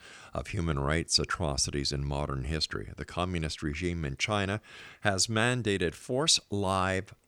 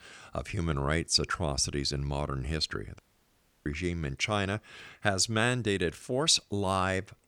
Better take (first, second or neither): first